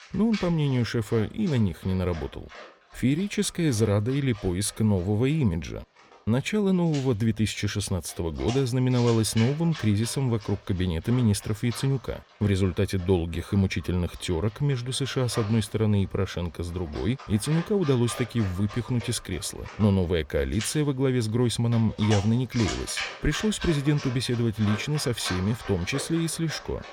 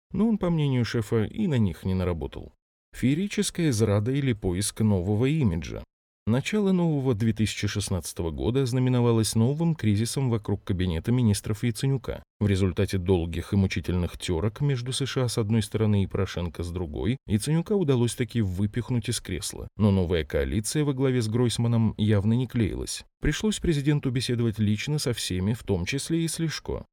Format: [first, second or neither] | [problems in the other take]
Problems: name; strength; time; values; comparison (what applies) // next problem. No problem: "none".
second | animal sounds; noticeable; throughout; 15 dB below the speech